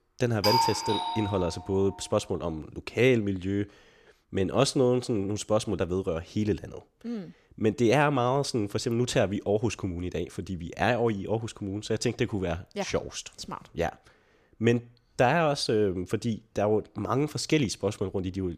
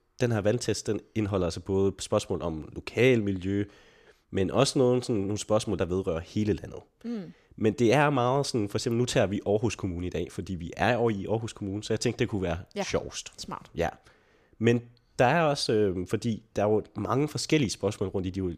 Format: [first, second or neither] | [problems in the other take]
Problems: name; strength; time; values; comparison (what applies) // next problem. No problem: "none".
second | doorbell; loud; until 1.5 s; peak 4 dB above the speech